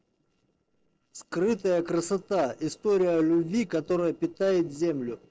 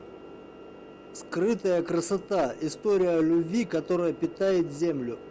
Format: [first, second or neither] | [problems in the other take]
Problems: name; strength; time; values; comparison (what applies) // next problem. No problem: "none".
second | noise reduction (neural separator model SepFormer DNS4)